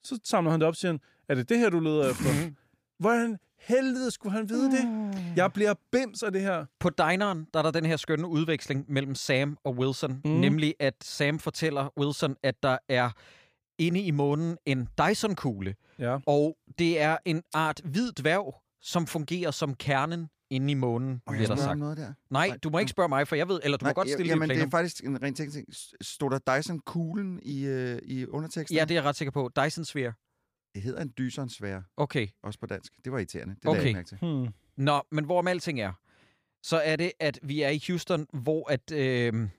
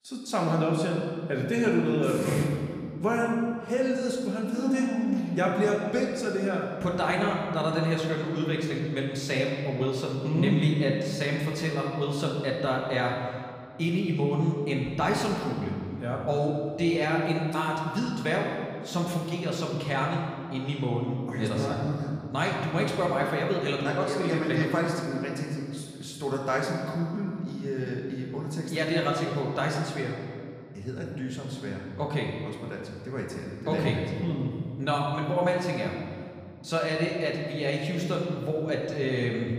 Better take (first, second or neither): first